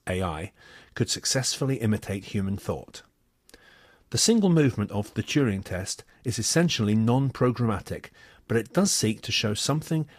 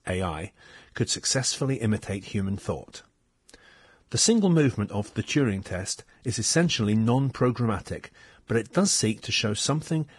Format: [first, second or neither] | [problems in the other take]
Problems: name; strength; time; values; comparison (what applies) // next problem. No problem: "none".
first | garbled, watery; badly; nothing above 10 kHz; slightly in the first